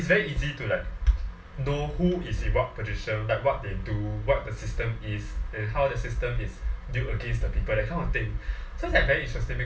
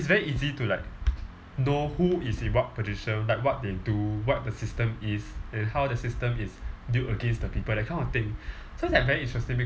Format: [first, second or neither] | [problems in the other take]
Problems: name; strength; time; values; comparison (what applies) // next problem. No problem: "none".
second | room echo; dies away in 0.3 s